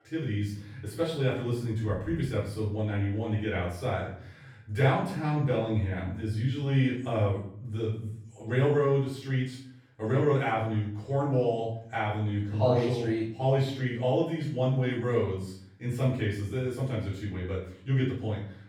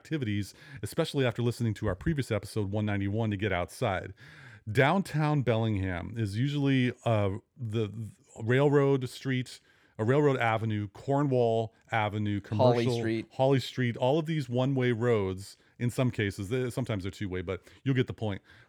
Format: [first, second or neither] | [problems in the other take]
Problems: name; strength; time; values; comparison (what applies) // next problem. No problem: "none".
second | off-mic speech; far // room echo; noticeable; dies away in 0.5 s